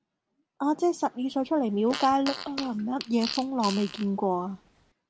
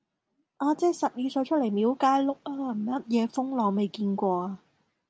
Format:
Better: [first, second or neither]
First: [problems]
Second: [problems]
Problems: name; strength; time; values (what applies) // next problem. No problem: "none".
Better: second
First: background sound (Fart); 12 dB below the speech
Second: none